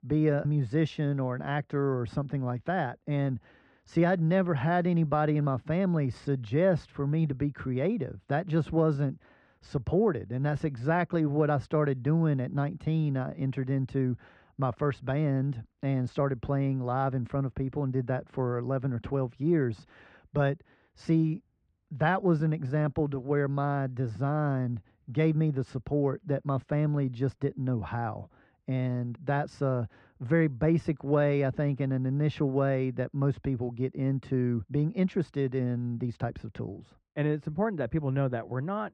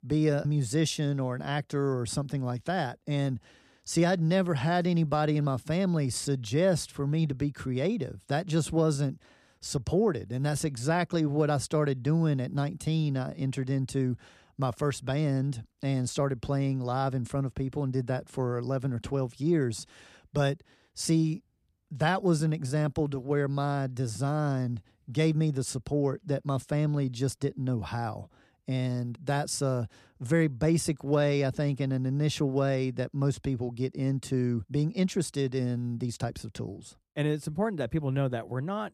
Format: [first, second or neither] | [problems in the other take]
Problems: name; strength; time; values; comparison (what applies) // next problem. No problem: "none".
second | muffled; very; fading above 2 kHz